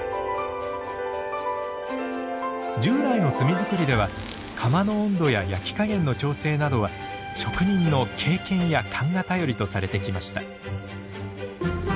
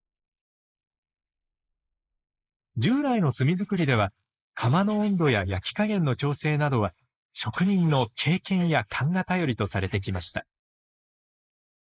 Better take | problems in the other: first | noise reduction (neural mask model Resemble Enhance denoiser)

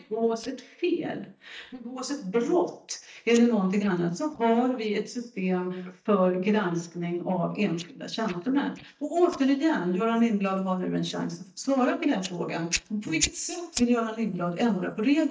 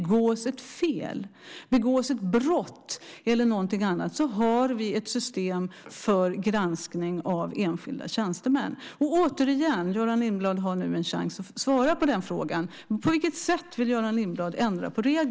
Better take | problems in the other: second | noise reduction (neural mask model DeepFilterNet 3)

